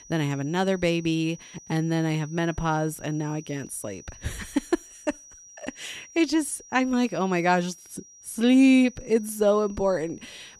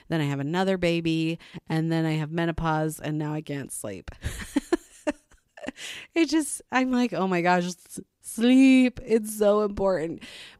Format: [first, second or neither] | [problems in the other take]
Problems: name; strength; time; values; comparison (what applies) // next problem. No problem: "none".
second | high-pitched whine; faint; throughout; 6 kHz, 20 dB below the speech